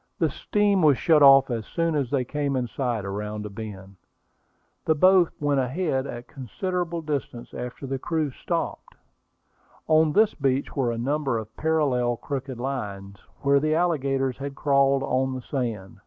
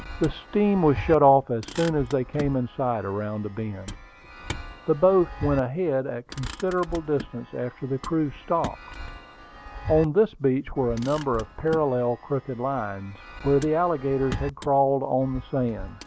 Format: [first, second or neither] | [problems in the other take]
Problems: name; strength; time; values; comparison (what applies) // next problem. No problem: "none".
first | background sound (Motor vehicle (road) + Chime); 13 dB below the speech